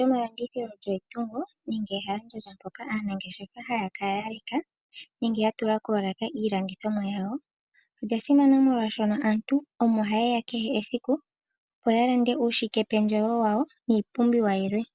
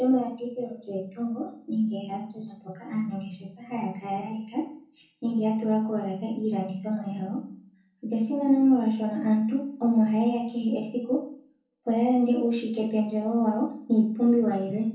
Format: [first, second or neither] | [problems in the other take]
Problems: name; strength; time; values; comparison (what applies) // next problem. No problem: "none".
first | room echo; dies away in 0.5 s